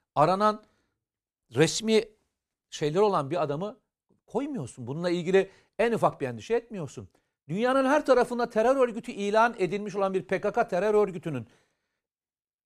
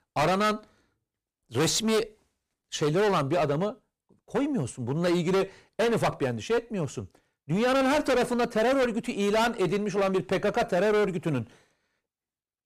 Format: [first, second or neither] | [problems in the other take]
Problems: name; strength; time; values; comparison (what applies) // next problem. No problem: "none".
first | distortion; heavy; 17% of the sound clipped